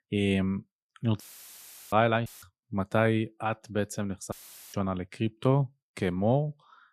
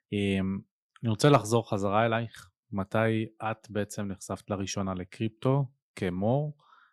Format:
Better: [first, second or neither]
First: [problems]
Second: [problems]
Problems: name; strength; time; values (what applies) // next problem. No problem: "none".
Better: second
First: audio cutting out; filled with static; at 1 s for 0.5 s, at 2.5 s and at 4.5 s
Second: none